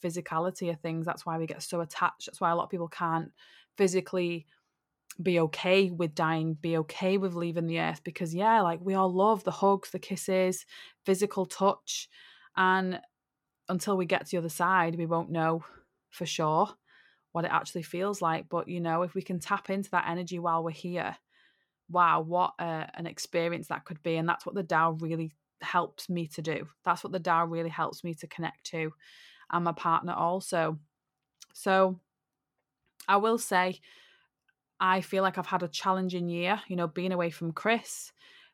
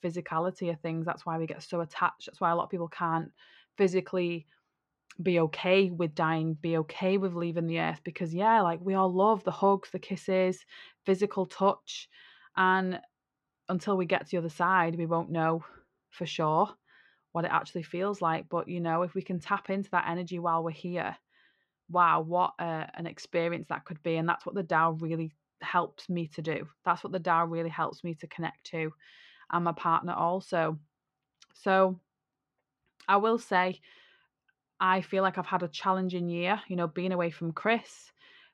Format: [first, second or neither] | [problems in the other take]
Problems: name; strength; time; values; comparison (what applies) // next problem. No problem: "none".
first | muffled; slightly; fading above 3.5 kHz